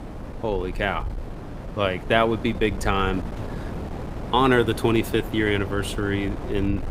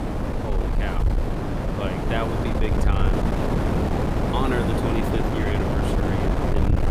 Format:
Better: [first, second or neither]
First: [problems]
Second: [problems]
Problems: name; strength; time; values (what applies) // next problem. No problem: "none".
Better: first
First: wind noise on the microphone; occasional gusts; 15 dB below the speech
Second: wind noise on the microphone; heavy; 3 dB above the speech